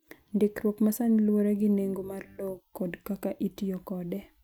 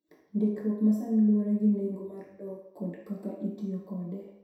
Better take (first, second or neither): first